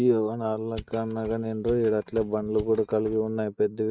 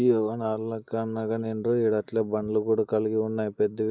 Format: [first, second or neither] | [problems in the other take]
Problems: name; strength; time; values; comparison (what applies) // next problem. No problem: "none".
second | noise reduction (neural mask model RNNoise)